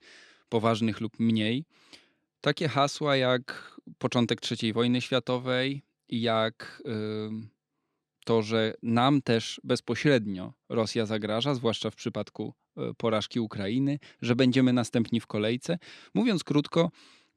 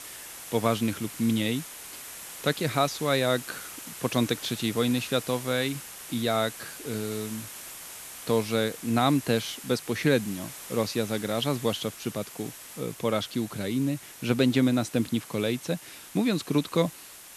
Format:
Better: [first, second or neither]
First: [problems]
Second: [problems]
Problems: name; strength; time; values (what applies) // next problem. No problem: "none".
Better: first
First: none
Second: hiss; noticeable; throughout; 10 dB below the speech